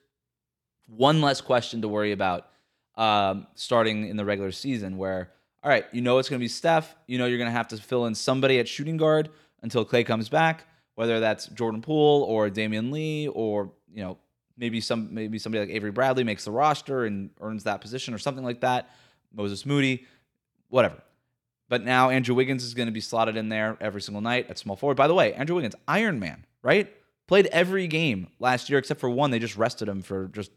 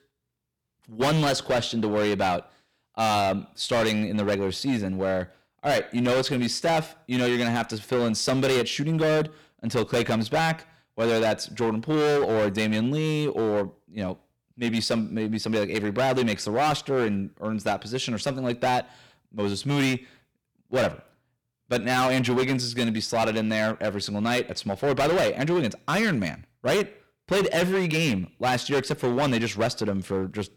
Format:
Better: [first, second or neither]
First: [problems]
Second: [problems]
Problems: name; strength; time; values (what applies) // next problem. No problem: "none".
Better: first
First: none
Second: distortion; heavy; 15% of the sound clipped